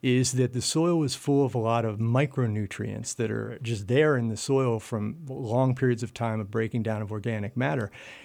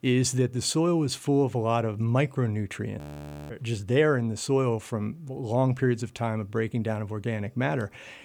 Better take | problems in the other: first | audio freezing; at 3 s for 0.5 s

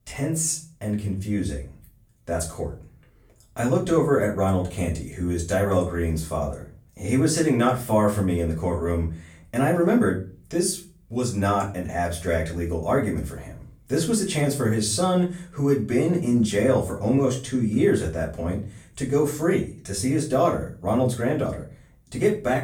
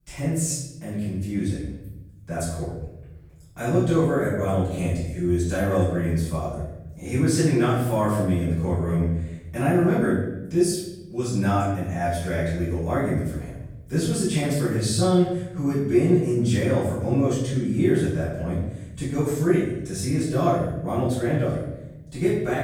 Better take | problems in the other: first | room echo; strong; dies away in 1 s; slight in the first // off-mic speech; far; far in the first

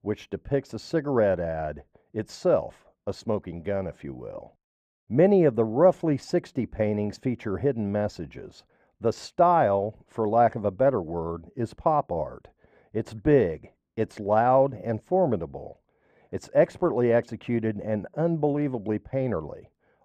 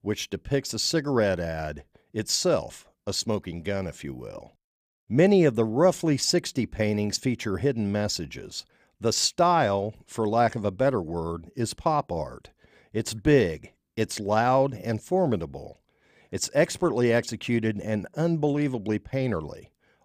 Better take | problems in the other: second | muffled; very; fading above 3 kHz

